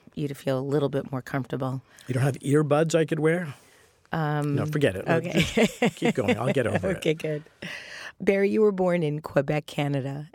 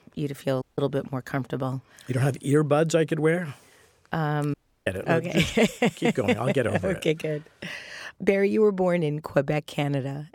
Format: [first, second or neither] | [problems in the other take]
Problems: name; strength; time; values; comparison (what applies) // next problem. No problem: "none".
first | audio cutting out; at 0.5 s and at 4.5 s